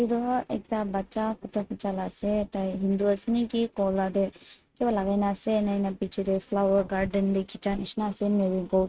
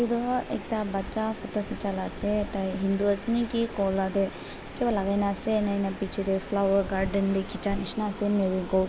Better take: second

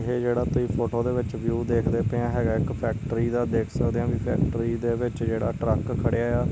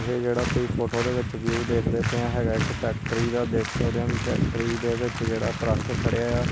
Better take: first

